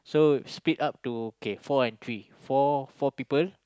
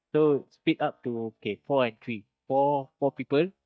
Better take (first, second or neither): first